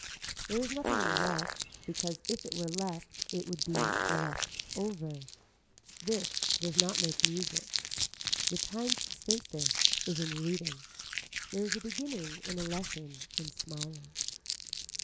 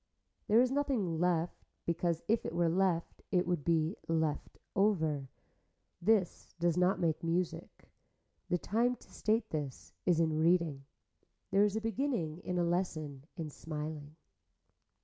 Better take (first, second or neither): second